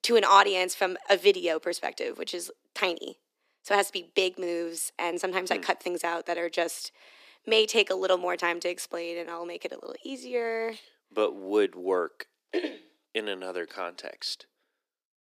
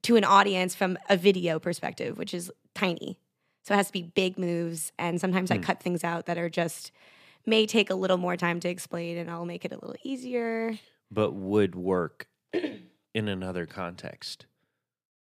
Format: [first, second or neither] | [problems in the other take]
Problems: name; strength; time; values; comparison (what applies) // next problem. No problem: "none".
second | thin; somewhat; fading below 300 Hz